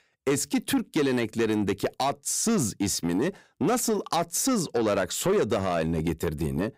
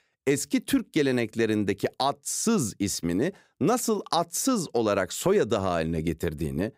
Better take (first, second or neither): second